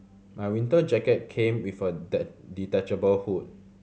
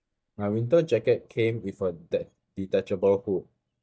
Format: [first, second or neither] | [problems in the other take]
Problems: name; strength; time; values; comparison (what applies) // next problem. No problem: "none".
first | noise reduction (neural mask model DeepFilterNet 3)